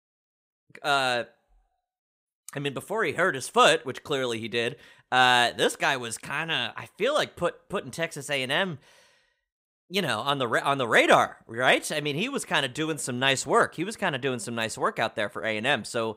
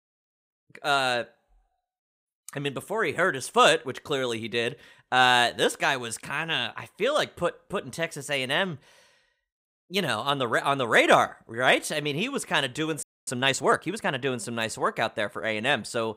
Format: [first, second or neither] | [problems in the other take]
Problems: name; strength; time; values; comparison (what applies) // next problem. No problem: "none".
first | audio freezing; at 13 s